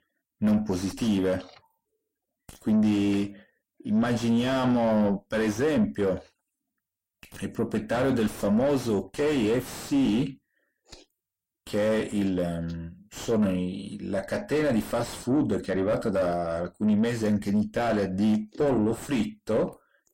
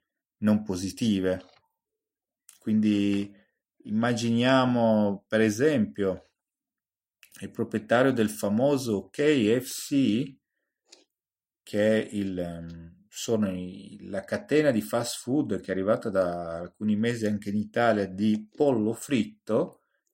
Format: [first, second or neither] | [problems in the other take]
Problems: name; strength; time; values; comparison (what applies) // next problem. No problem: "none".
second | distortion; heavy; 6 dB below the speech